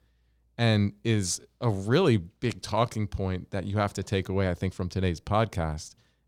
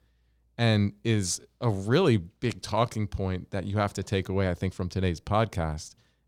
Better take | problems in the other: neither | none

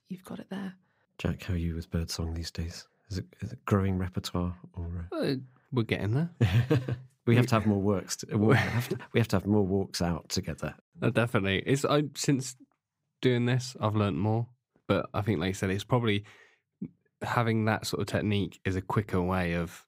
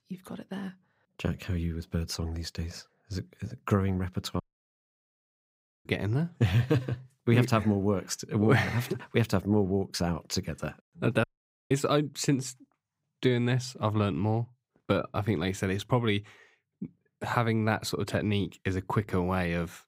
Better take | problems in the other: first | audio cutting out; at 4.5 s for 1.5 s and at 11 s

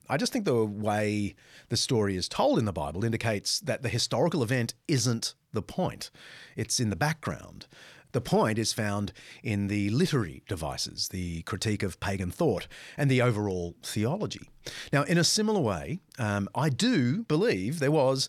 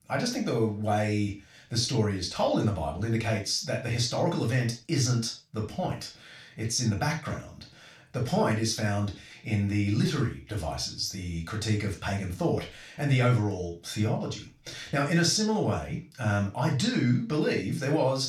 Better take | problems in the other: first | room echo; slight; dies away in 0.3 s // off-mic speech; far

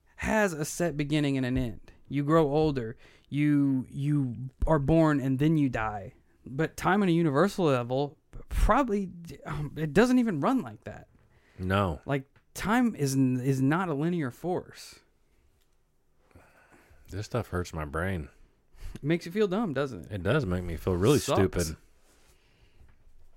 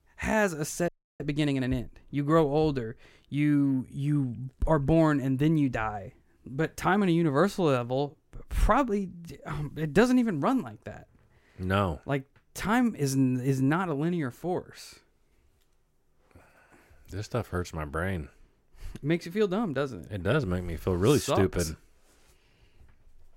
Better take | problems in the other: first | audio freezing; at 1 s

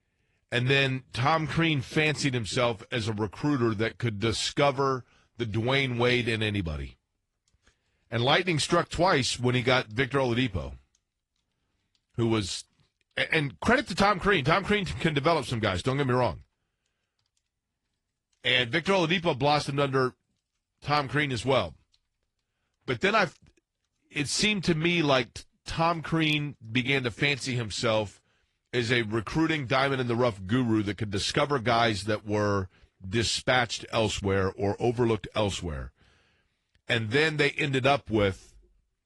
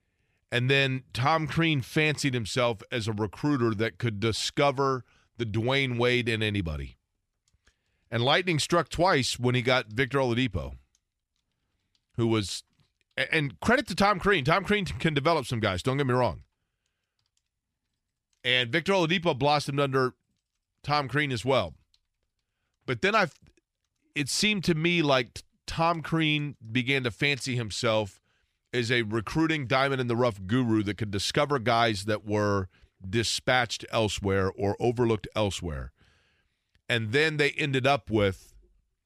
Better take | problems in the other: second | garbled, watery; slightly

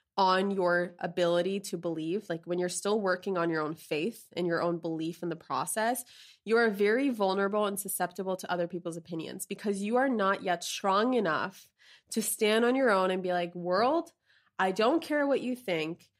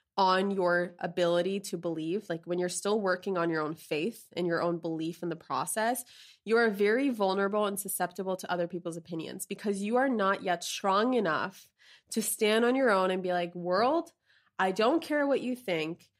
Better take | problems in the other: neither | none

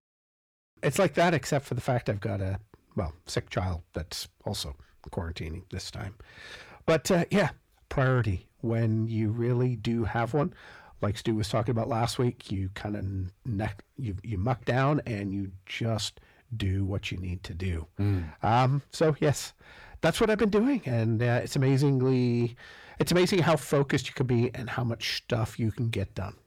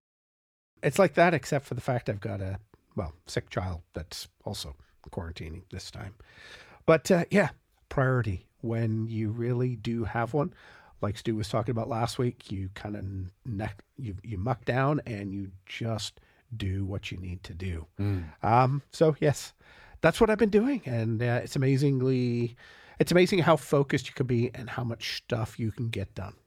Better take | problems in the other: second | distortion; slight; 10 dB below the speech

